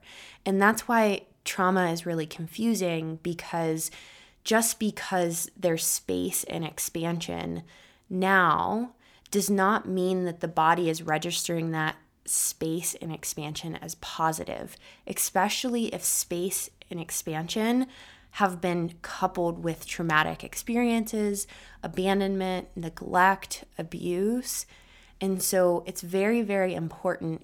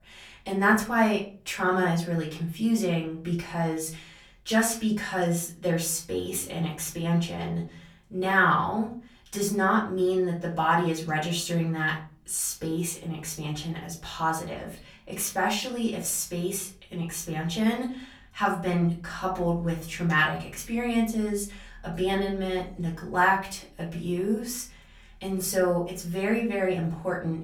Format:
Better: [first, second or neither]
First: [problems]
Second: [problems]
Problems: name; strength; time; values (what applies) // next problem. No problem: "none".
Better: first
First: none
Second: off-mic speech; far // room echo; slight; dies away in 0.4 s